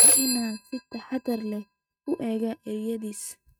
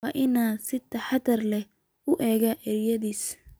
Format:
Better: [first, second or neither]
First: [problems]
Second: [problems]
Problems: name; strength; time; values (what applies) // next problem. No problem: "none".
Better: second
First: noise reduction (neural mask model RNNoise)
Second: none